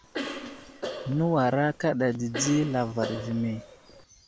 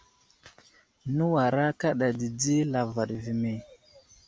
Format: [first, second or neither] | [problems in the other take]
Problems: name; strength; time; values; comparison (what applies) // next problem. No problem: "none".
second | background sound (Cough); 10 dB below the speech